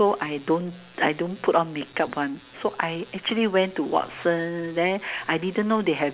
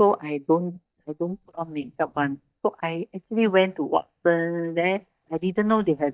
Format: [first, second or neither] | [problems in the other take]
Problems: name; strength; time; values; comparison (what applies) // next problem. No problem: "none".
first | noise reduction (neural mask model DeepFilterNet 3)